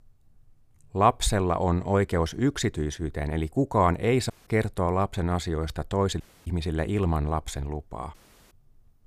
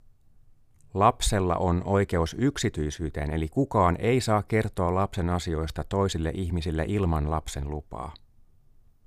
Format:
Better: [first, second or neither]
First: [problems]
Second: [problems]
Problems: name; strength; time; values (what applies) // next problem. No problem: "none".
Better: second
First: audio cutting out; at 4.5 s, at 6 s and at 8 s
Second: none